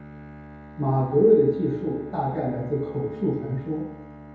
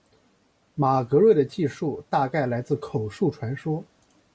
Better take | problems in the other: second | background sound (Bowed string instrument); 17 dB below the speech // room echo; dies away in 2 s

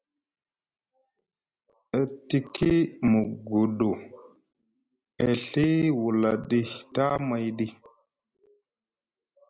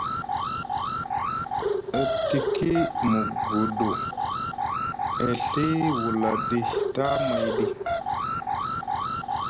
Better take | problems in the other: first | background sound (Alarm); 2 dB above the speech

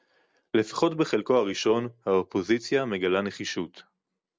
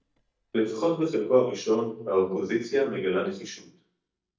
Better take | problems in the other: first | noise reduction (neural mask model DeepFilterNet 3)

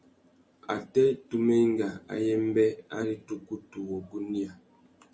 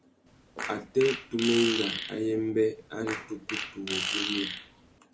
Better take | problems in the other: first | background sound (Fart); 5 dB below the speech

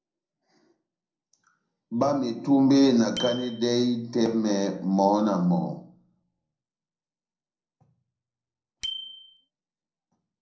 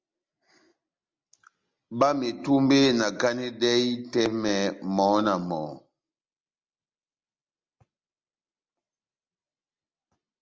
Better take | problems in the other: second | background sound (Bicycle bell); 19 dB below the speech // room echo; dies away in 0.6 s

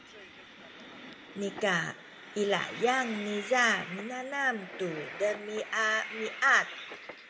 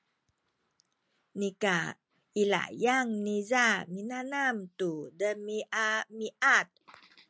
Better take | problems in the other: second | background sound (Train); 12 dB below the speech // room echo; dies away in 0.8 s

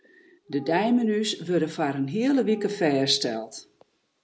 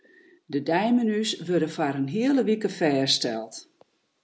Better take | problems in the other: second | background sound (Glass); 13 dB below the speech

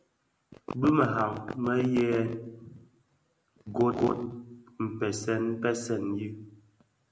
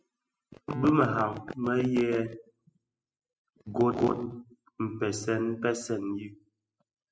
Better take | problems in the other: first | noise reduction (classical method spectral subtraction)

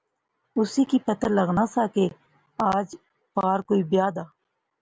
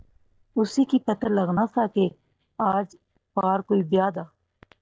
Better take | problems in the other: first | noise reduction (neural mask model DeepFilterNet 3)

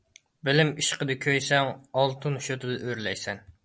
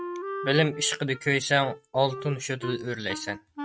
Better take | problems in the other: first | noise reduction (neural mask model RNNoise)

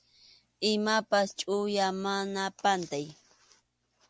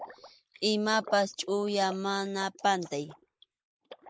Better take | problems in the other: first | noise reduction (neural mask model Resemble Enhance denoiser)

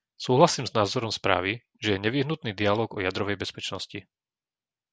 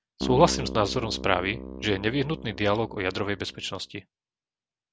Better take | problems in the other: first | background sound (Keyboard (musical)); 9 dB below the speech

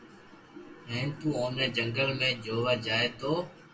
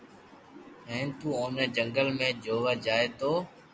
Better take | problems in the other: second | room echo; dies away in 0.2 s

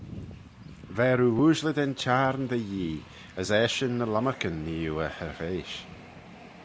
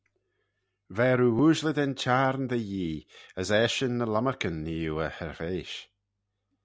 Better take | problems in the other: second | background sound (Train); 18 dB below the speech

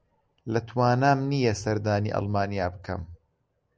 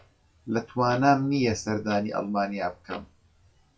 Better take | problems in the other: first | noise reduction (classical method WPE with log-MMSE)

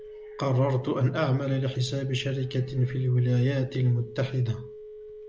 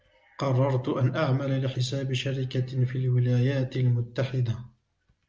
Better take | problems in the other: second | background sound (Telephone); 16 dB below the speech

